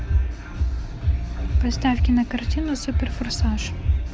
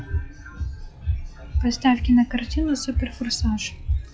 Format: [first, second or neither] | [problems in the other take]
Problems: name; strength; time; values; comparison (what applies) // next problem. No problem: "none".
first | noise reduction (classical method log-MMSE)